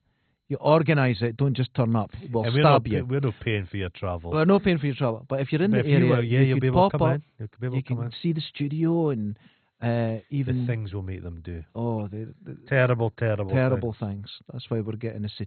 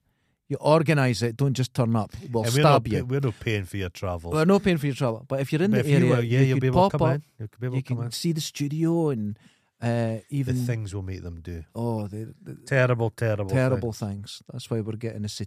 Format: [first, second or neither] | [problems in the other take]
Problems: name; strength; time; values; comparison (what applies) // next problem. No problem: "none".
second | garbled, watery; badly; nothing above 4 kHz